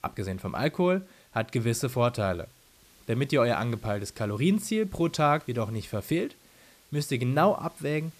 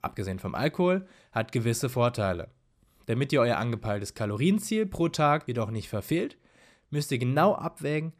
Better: second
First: hiss; faint; throughout; 30 dB below the speech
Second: none

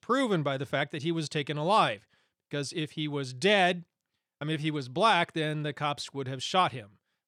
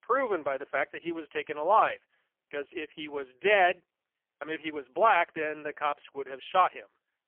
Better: first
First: none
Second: phone-call audio; poor line; nothing above 3 kHz

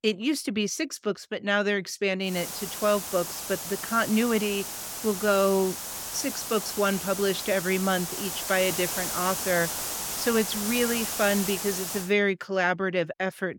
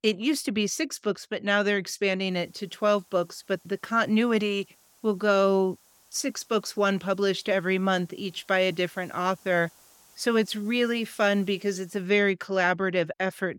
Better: second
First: hiss; loud; from 2.5 to 12 s; 4 dB below the speech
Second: hiss; faint; from 2.5 to 12 s; 30 dB below the speech

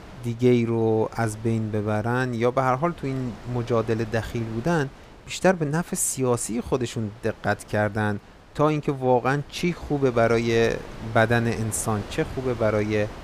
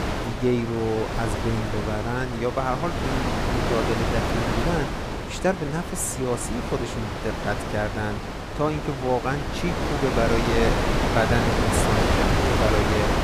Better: first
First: wind noise on the microphone; occasional gusts; 20 dB below the speech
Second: wind noise on the microphone; heavy; 1 dB above the speech

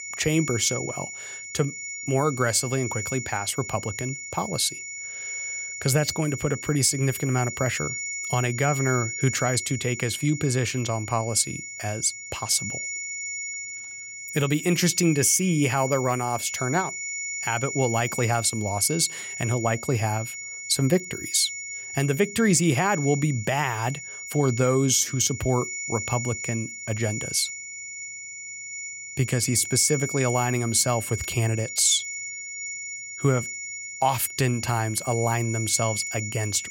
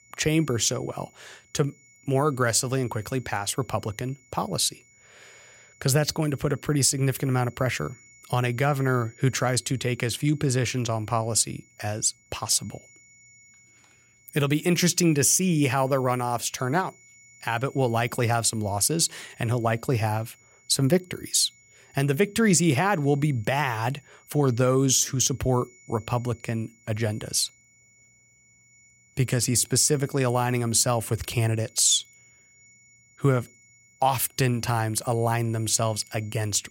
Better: second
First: high-pitched whine; loud; throughout; 2 kHz, 7 dB below the speech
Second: high-pitched whine; faint; throughout; 2 kHz, 30 dB below the speech

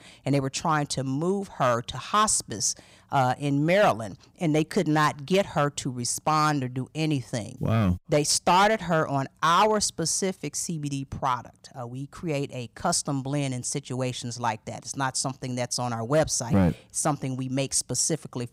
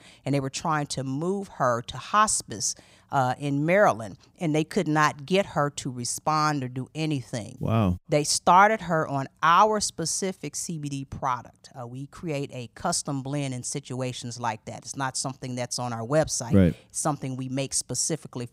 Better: second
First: distortion; slight; 3% of the sound clipped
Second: none

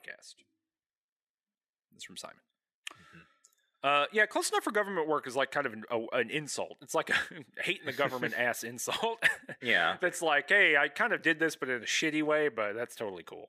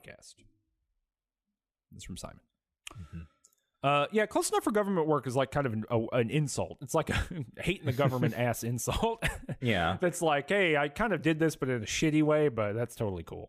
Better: second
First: thin; somewhat; fading below 300 Hz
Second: none

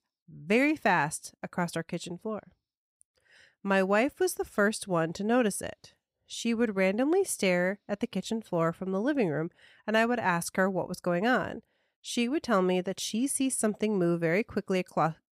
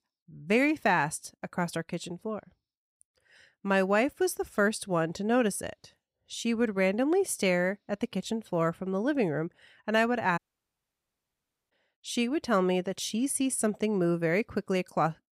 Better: first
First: none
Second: audio cutting out; at 10 s for 1.5 s

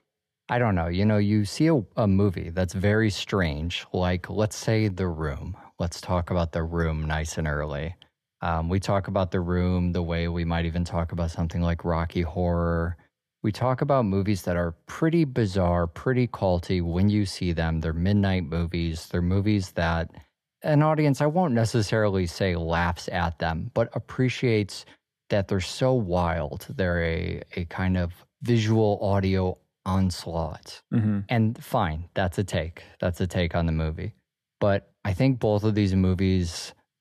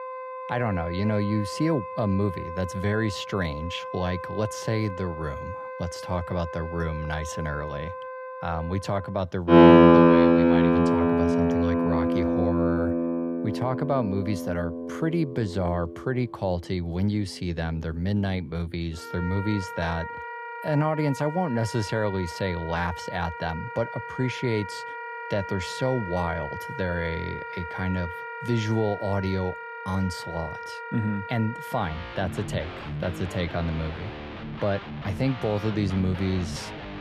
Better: first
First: none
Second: background music; very loud; throughout; 2 dB above the speech

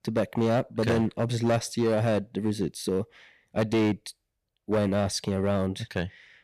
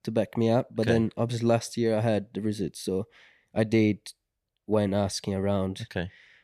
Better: second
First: distortion; slight; 8% of the sound clipped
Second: none

